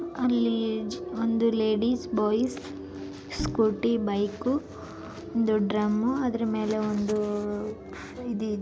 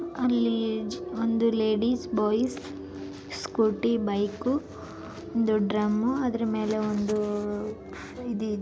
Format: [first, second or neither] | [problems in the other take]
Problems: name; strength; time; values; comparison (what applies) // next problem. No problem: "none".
second | background sound (Bowed string instrument); 9 dB below the speech